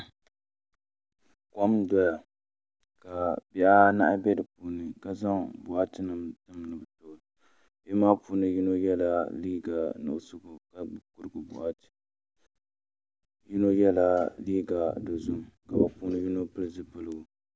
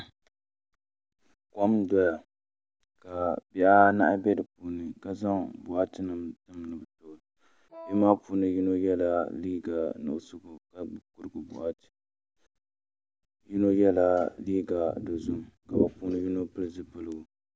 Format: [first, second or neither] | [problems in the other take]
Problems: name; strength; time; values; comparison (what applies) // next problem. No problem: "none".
first | background sound (Wind instrument, woodwind instrument); 17 dB below the speech